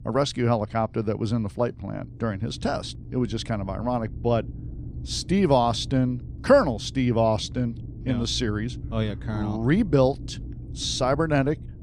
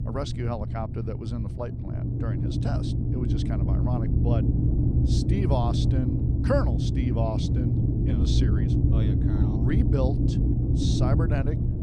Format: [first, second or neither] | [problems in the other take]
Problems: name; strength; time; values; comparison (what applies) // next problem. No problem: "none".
first | low rumble; loud; throughout; 1 dB below the speech; faint in the first